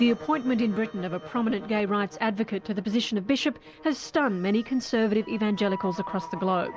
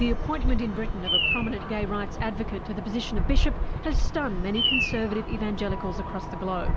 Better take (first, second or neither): first